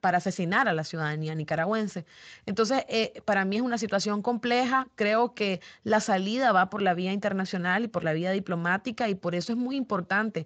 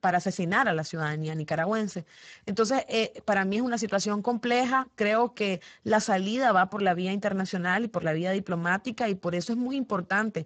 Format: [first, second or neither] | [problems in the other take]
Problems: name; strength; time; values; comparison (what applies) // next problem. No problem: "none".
first | garbled, watery; badly; nothing above 7.5 kHz; slightly in the first